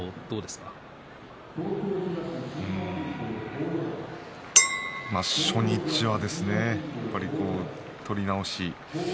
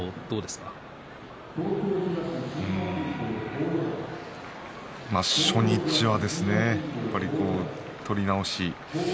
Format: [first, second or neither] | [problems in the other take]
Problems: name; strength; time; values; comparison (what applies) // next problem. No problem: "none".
second | background sound (Chink, clink); 2 dB above the speech